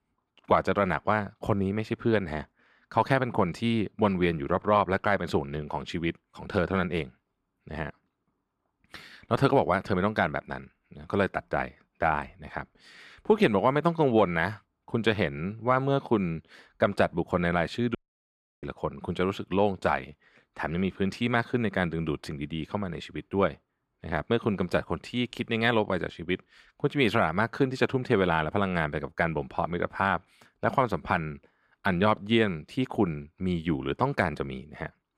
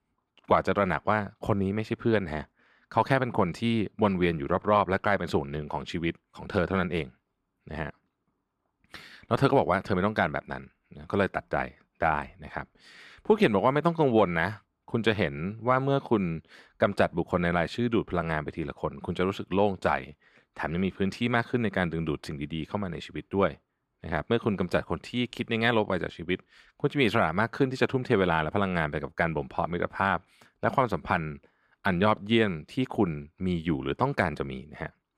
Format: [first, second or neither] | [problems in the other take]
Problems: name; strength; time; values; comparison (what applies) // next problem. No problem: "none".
second | audio cutting out; at 18 s for 0.5 s